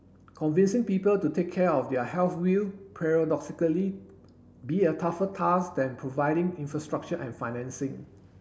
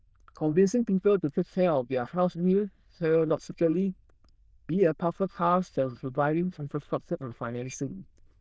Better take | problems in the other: first | noise reduction (neural diffusion model UNIVERSE++)

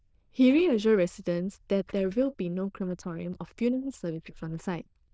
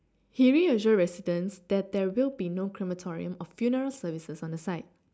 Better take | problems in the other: second | noise reduction (neural diffusion model UNIVERSE++)

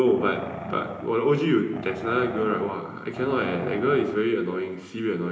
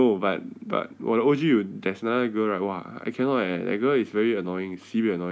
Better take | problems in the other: second | background sound (Growling); 13 dB below the speech // room echo; dies away in 1.4 s

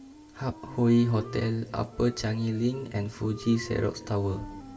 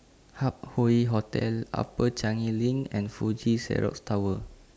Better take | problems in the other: second | background sound (Wind instrument, woodwind instrument); 18 dB below the speech // room echo; dies away in 2.5 s

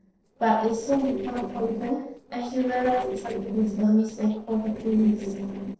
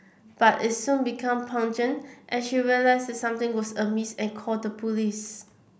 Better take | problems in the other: second | noise reduction (neural separator model SepFormer DNS4)

